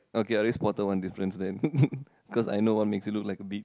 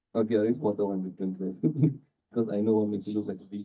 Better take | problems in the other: first | noise reduction (neural mask model DeepFilterNet 3)

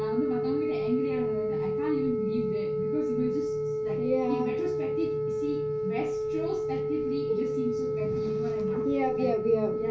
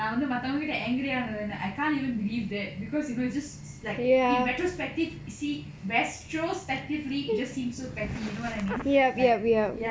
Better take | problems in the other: second | background sound (Telephone); 2 dB above the speech // room echo; dies away in 0.5 s

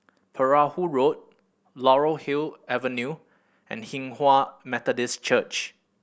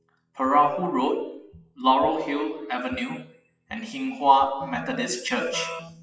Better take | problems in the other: first | noise reduction (classical method WPE with log-MMSE)

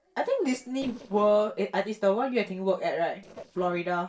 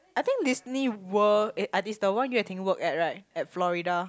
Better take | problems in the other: second | noise reduction (neural separator model SepFormer DNS4)

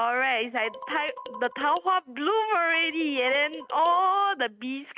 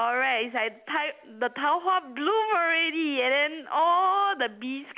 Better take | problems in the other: second | noise reduction (neural mask model RNNoise)

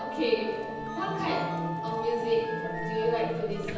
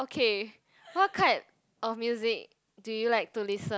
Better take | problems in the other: second | background sound (Musical instrument); 3 dB below the speech // room echo; dies away in 1.1 s

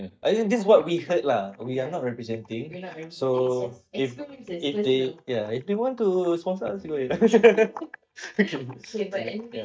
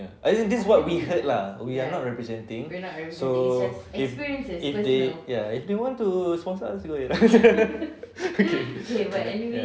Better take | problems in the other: second | noise reduction (neural mask model DeepFilterNet 3)

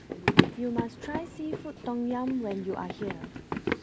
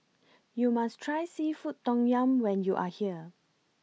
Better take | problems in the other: second | background sound (Run); 3 dB above the speech

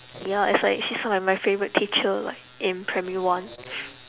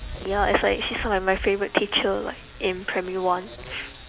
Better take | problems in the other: first | background sound (Wind); 13 dB below the speech

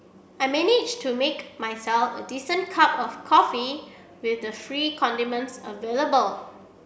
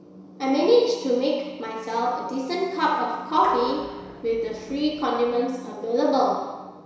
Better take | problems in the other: first | background sound (Dishes, pots, and pans); 16 dB below the speech // room echo; dies away in 1 s

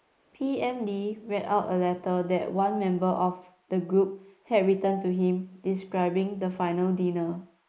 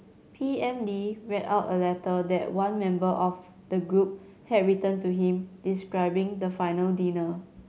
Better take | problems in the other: second | noise reduction (neural mask model Resemble Enhance denoiser)

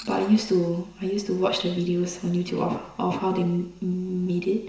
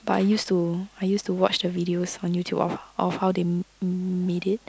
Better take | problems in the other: second | room echo; dies away in 0.9 s

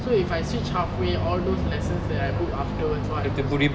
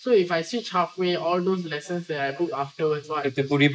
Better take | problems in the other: first | noise reduction (neural mask model Resemble Enhance denoiser)

